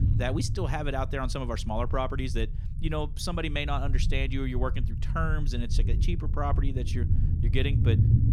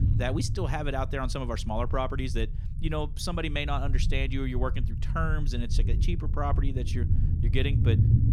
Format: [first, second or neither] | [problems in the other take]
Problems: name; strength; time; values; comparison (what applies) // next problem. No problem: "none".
neither | low rumble; noticeable; throughout; 10 dB below the speech; the same in both